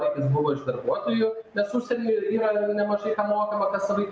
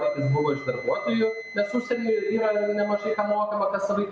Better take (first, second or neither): first